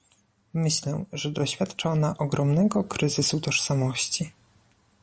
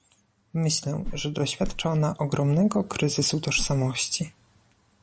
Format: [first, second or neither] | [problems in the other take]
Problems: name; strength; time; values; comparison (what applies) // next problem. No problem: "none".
first | background sound (Whoosh, swoosh, swish); 8 dB below the speech